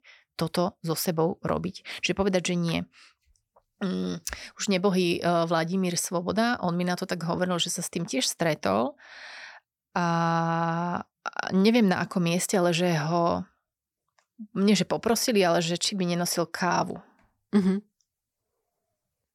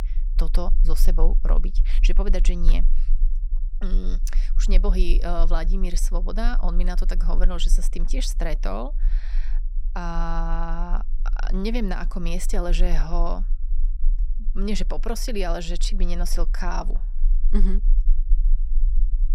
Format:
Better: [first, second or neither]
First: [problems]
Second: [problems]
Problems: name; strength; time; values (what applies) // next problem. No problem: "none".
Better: first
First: none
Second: low rumble; faint; throughout; 20 dB below the speech